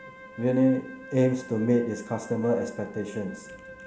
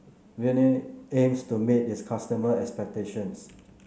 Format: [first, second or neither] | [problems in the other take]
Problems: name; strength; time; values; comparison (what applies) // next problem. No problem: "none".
second | background sound (Wind instrument, woodwind instrument); 18 dB below the speech